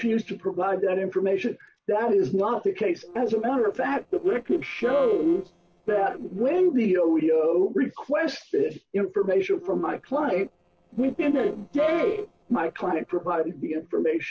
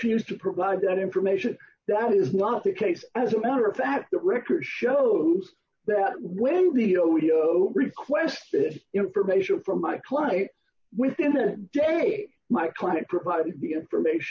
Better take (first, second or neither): second